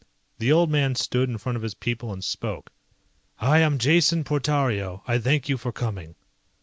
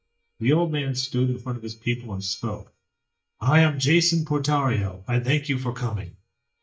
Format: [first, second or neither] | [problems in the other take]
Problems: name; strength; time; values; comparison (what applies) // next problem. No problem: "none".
first | noise reduction (neural mask model DeepFilterNet 3)